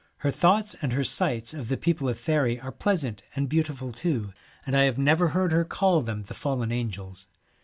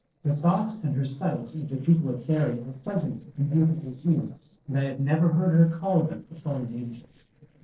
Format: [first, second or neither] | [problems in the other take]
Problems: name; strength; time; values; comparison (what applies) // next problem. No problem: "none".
first | noise reduction (neural separator model SepFormer DNS4)